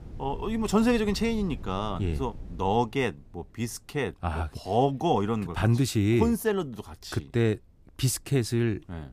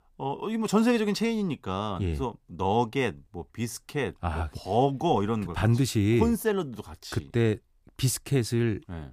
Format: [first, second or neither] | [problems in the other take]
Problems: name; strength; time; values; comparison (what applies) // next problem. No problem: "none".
second | wind noise on the microphone; occasional gusts; 25 dB below the speech